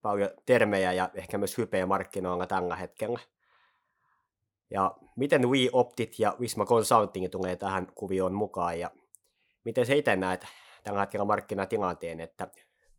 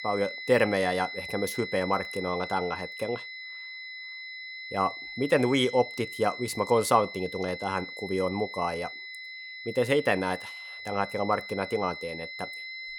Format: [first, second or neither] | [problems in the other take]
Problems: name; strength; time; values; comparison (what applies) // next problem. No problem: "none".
first | high-pitched whine; loud; throughout; 2 kHz, 9 dB below the speech